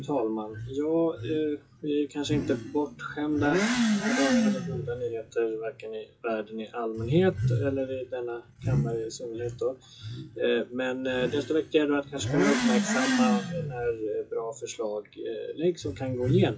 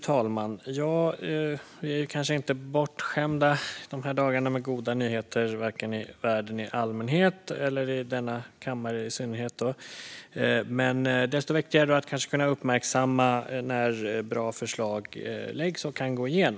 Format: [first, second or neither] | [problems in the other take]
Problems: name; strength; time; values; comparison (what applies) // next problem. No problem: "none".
second | noise reduction (classical method WPE with log-MMSE)